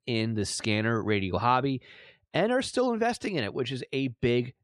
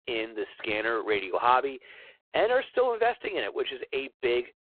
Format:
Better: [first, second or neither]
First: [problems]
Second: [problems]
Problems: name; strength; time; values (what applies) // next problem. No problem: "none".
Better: first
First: none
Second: phone-call audio; poor line